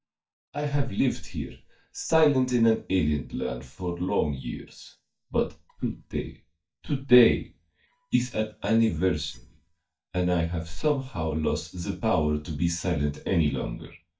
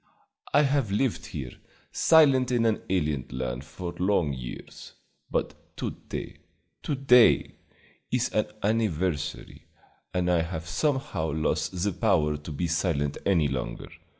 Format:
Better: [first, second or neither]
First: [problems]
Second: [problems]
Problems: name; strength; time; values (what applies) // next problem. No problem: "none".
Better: second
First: noise reduction (neural mask model DeepFilterNet 3)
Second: none